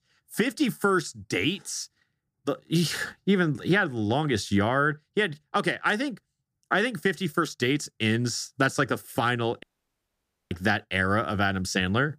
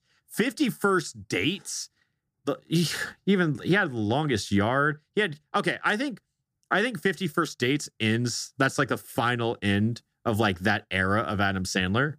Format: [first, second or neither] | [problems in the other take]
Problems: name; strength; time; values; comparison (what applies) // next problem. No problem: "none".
second | audio cutting out; at 9.5 s for 1 s